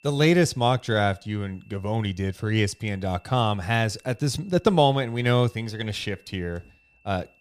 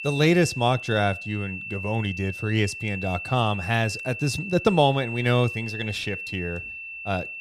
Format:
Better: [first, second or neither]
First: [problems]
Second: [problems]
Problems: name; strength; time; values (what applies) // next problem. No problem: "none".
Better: first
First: high-pitched whine; faint; throughout; 2.5 kHz, 35 dB below the speech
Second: high-pitched whine; loud; throughout; 2.5 kHz, 8 dB below the speech